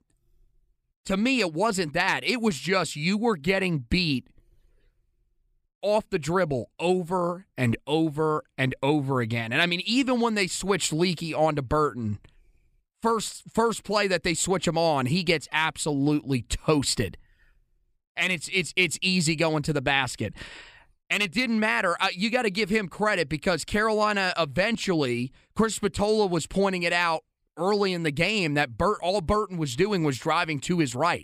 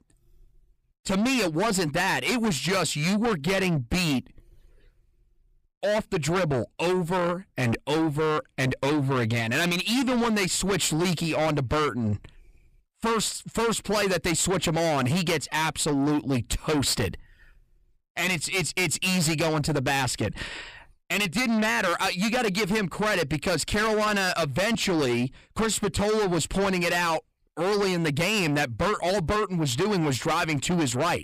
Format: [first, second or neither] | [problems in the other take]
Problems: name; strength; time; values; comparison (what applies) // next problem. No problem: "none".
first | distortion; heavy; 5 dB below the speech